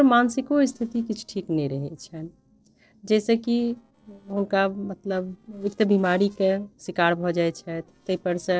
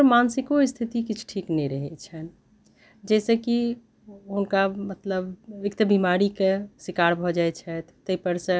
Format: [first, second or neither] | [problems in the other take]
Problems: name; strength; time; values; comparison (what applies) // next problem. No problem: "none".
second | noise reduction (neural separator model SepFormer DNS4)